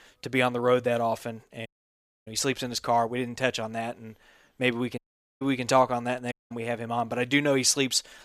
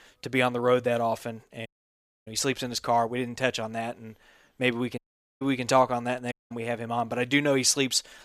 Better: neither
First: audio cutting out; at 1.5 s for 0.5 s, at 5 s and at 6.5 s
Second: audio cutting out; at 1.5 s for 0.5 s, at 5 s and at 6.5 s

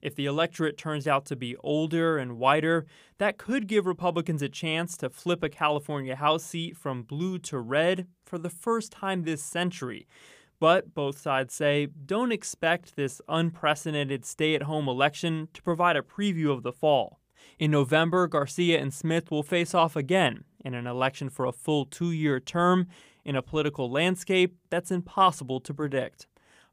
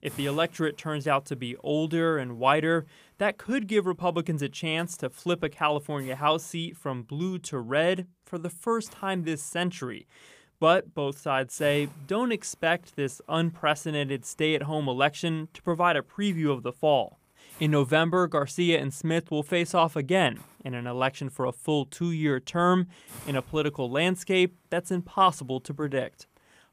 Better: first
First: none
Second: hiss; faint; throughout; 25 dB below the speech

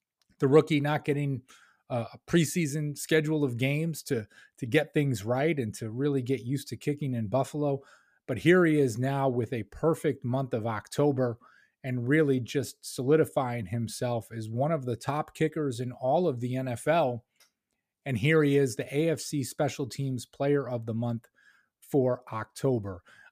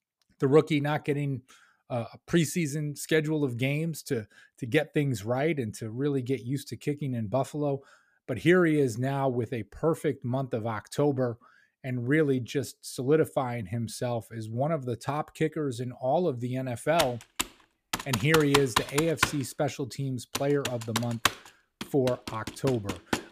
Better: first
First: none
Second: keyboard typing; loud; from 17 s on; peak 2 dB above the speech

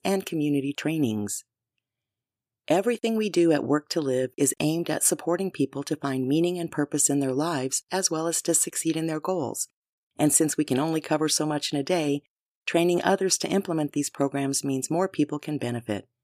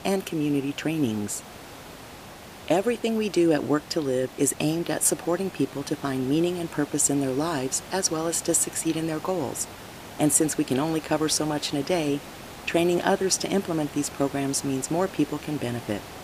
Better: first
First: none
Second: hiss; noticeable; throughout; 15 dB below the speech

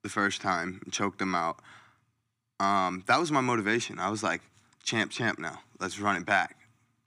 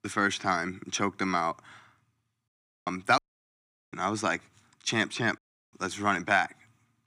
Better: first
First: none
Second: audio cutting out; at 2.5 s, at 3 s for 1 s and at 5.5 s

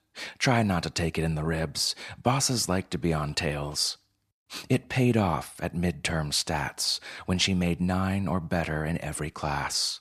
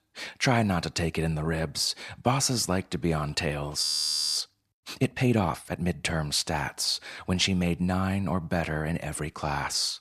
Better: first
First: none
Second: audio freezing; at 4 s for 0.5 s

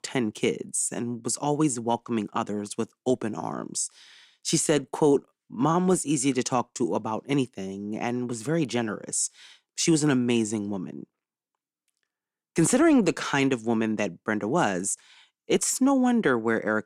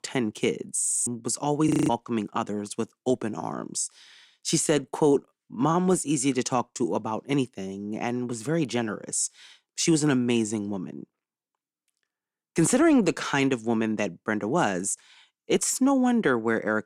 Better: first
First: none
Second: audio freezing; at 1 s and at 1.5 s

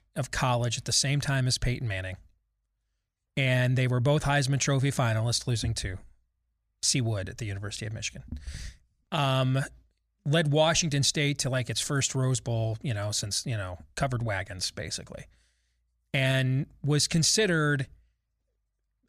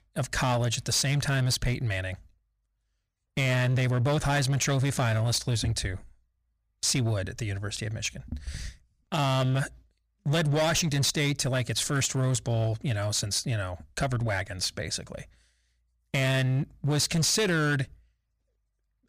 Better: first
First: none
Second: distortion; slight; 11% of the sound clipped

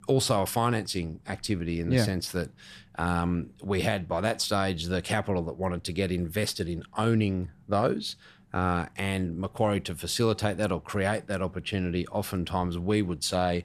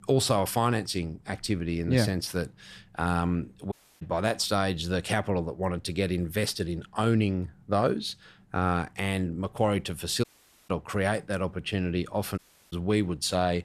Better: first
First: none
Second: audio cutting out; at 3.5 s, at 10 s and at 12 s

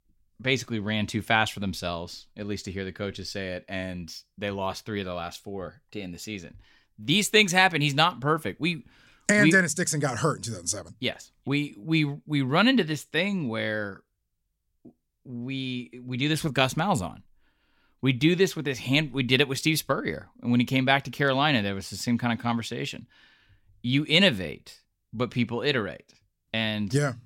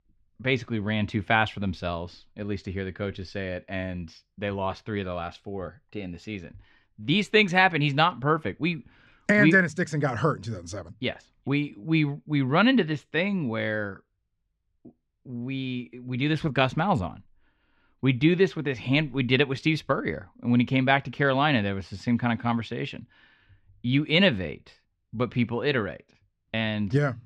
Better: first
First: none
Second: muffled; slightly; fading above 3 kHz

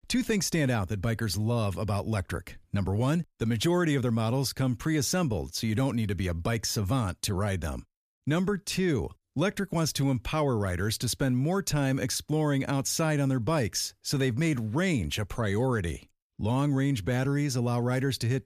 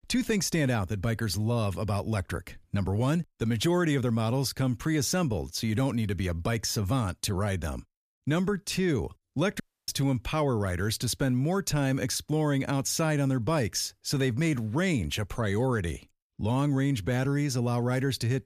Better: first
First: none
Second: audio cutting out; at 9.5 s

